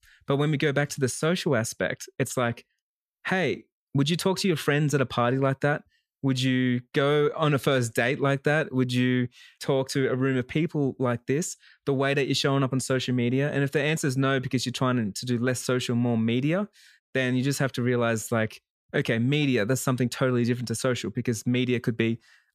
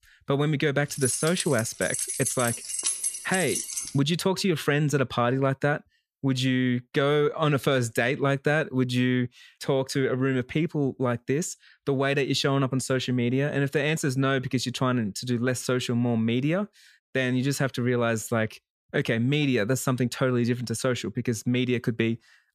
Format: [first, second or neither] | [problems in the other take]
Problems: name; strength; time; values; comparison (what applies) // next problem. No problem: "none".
first | jangling keys; loud; from 1 to 4 s; peak level with the speech